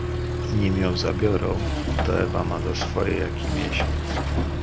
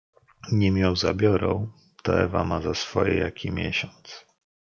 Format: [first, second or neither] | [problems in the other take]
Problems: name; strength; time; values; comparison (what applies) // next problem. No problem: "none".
second | background sound (Accelerating, revving, vroom); 1 dB above the speech